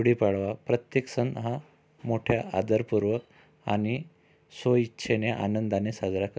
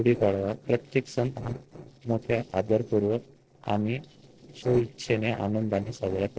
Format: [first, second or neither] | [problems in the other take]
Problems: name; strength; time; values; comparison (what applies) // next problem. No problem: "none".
first | noise reduction (neural separator model SepFormer DNS4)